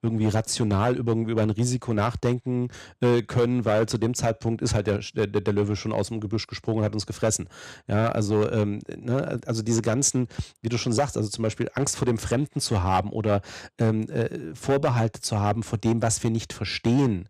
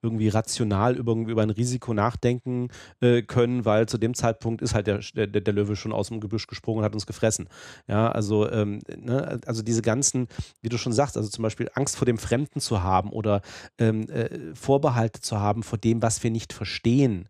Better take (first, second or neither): second